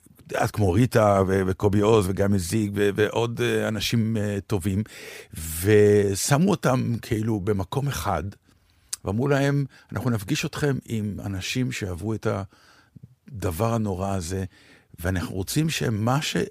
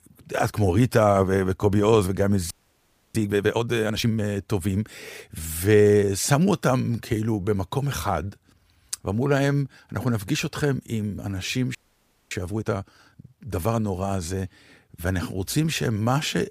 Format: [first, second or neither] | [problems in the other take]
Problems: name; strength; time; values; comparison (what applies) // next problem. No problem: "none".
first | audio freezing; at 2.5 s for 0.5 s and at 12 s for 0.5 s